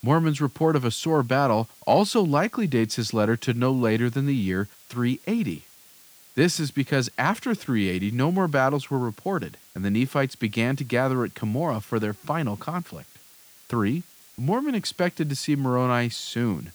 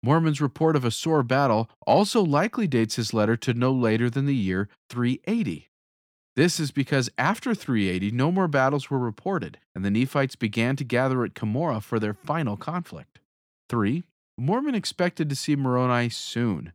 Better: second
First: hiss; faint; throughout; 25 dB below the speech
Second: none

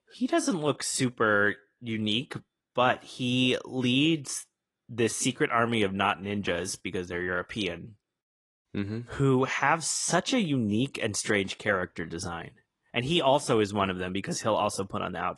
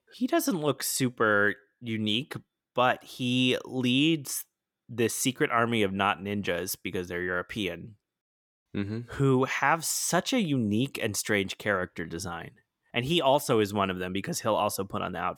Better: second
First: garbled, watery; slightly; nothing above 10.5 kHz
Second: none

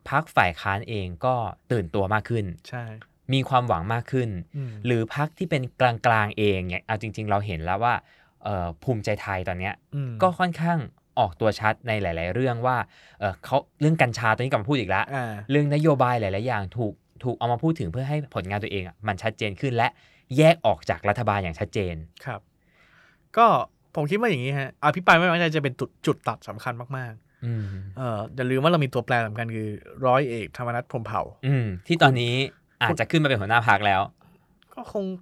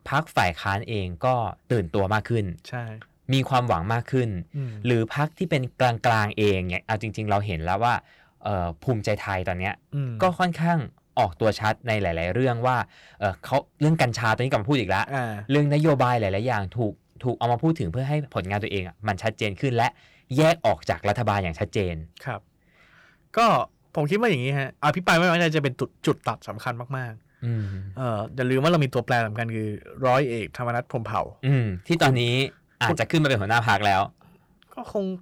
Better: first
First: none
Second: distortion; slight; 3% of the sound clipped

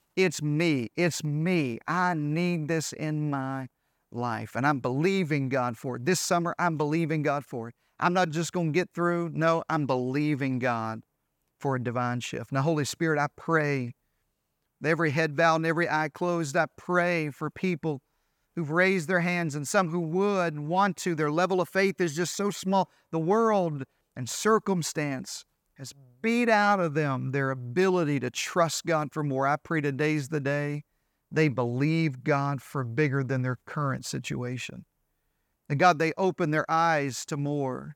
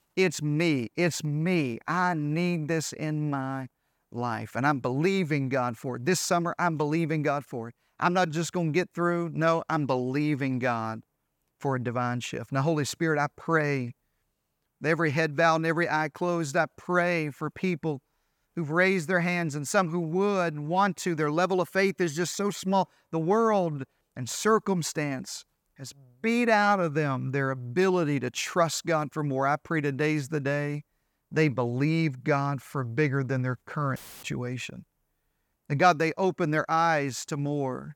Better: first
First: none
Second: audio cutting out; filled with static; at 34 s

